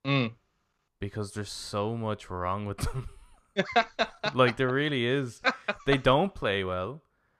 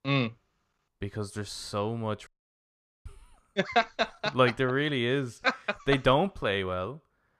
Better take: first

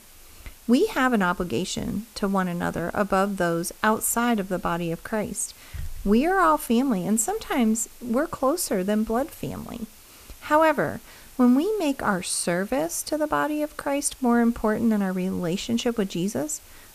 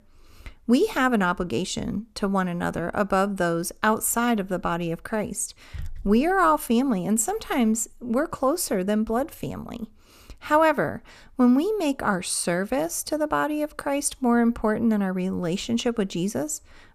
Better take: second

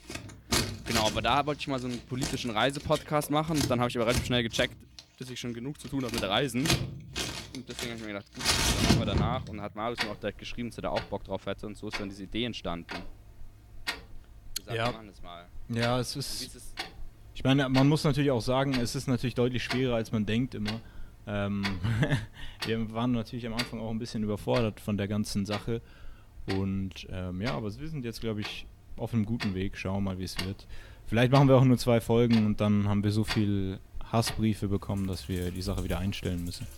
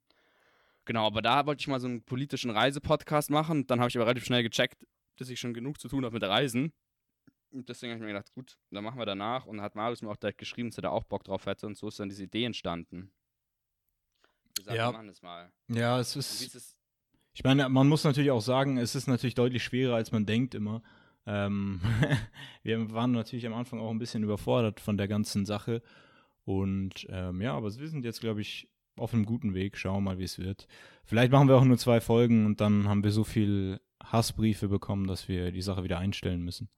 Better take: second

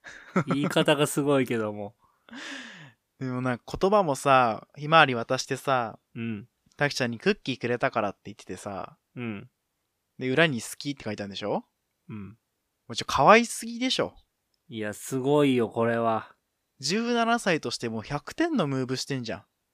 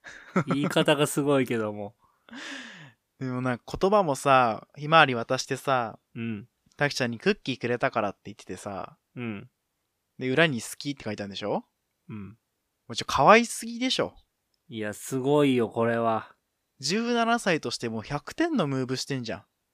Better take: neither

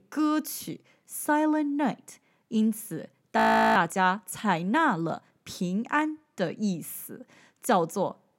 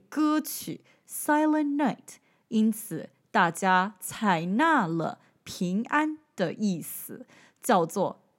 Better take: second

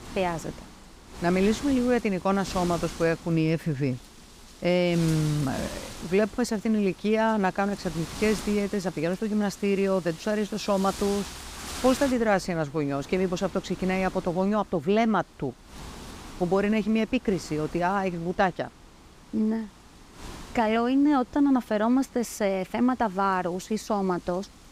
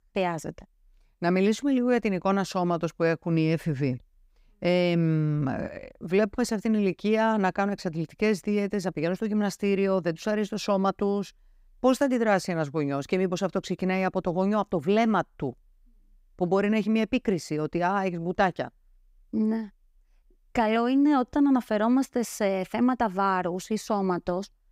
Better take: second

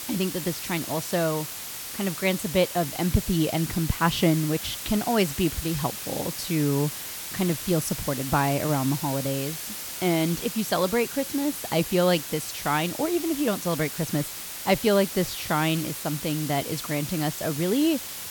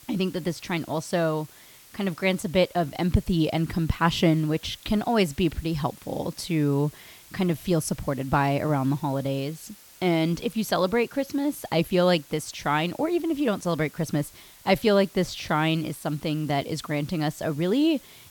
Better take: second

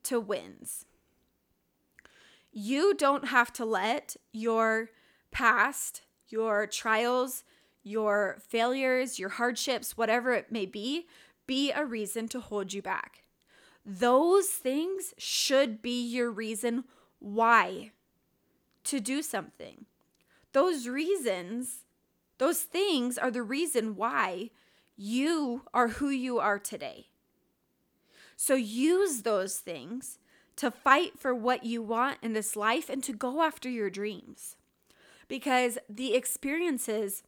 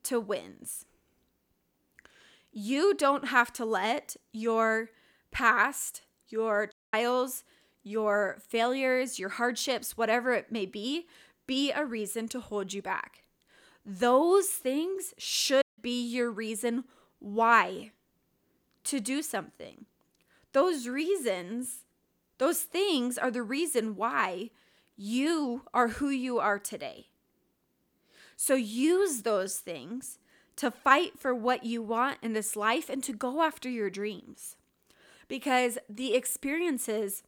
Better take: first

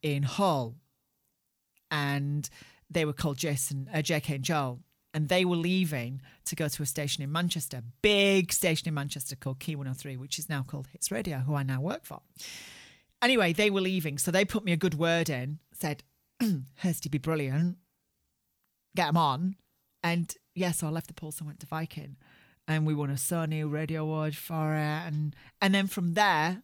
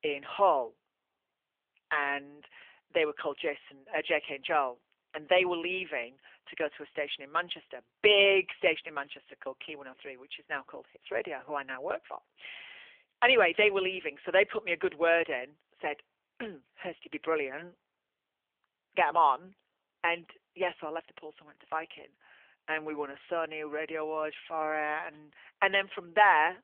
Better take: first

